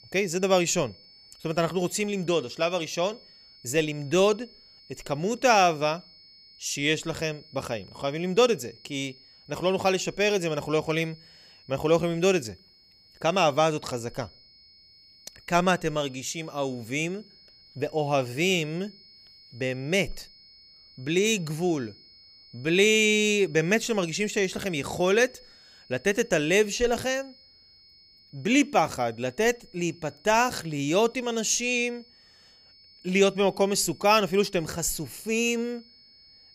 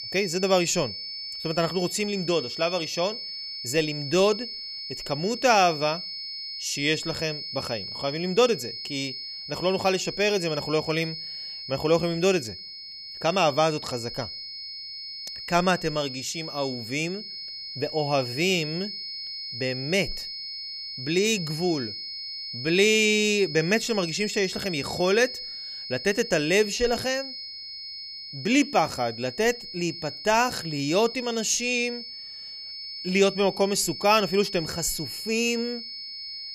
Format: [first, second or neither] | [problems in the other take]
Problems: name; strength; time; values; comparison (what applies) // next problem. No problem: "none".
first | high-pitched whine; loud; throughout; 5 kHz, 8 dB below the speech; faint in the first